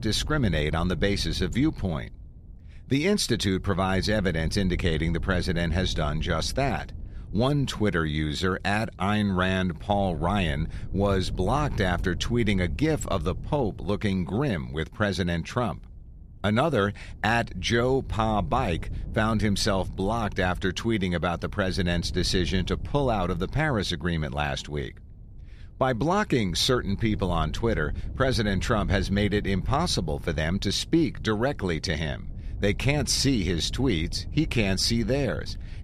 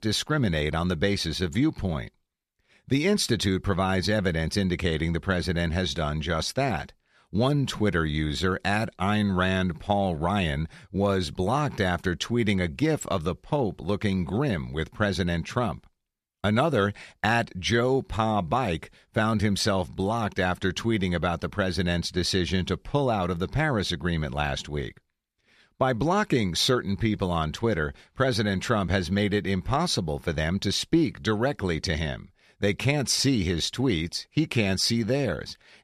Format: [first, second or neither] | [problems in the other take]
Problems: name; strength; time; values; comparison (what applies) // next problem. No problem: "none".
second | wind noise on the microphone; occasional gusts; 25 dB below the speech